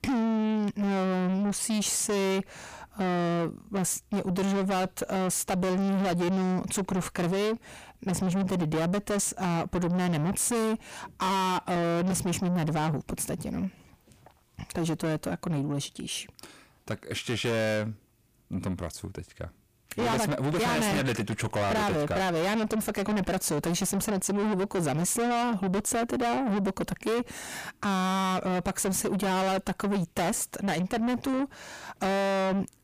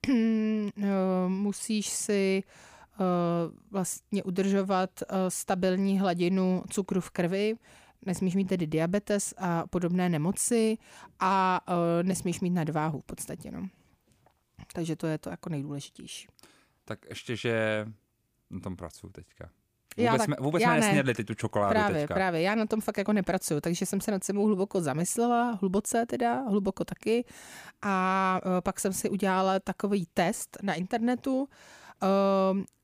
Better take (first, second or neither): second